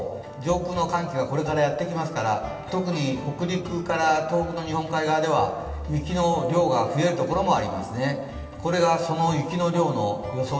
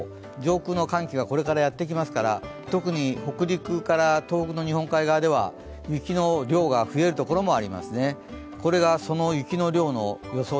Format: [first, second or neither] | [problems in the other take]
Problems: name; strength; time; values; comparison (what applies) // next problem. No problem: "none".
second | room echo; dies away in 2.6 s